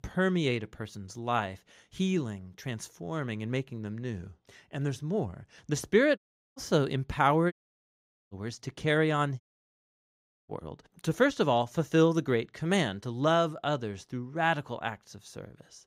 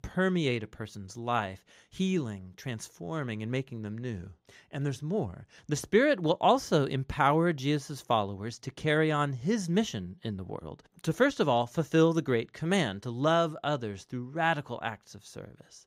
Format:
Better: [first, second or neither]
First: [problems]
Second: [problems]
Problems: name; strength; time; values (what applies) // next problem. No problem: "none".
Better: second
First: audio cutting out; at 6 s, at 7.5 s for 1 s and at 9.5 s for 1 s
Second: none